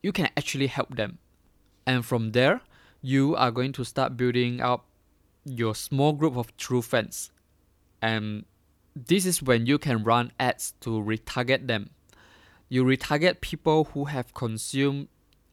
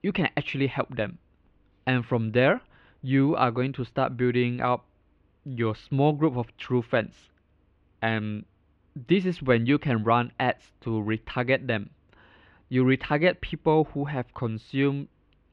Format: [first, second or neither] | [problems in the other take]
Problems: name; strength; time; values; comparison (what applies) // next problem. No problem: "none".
first | muffled; very; fading above 3 kHz